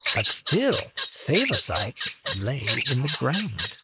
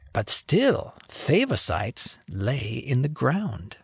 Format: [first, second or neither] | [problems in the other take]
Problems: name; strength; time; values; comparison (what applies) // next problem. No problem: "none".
second | noise reduction (neural mask model Resemble Enhance denoiser)